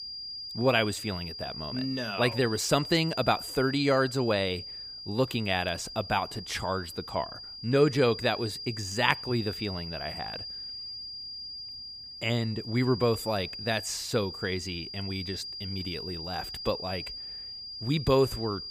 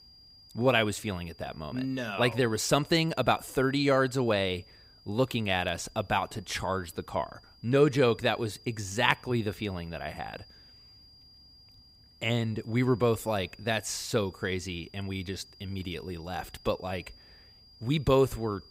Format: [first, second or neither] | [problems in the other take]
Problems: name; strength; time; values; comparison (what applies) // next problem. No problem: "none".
second | high-pitched whine; loud; throughout; 5 kHz, 8 dB below the speech; faint in the second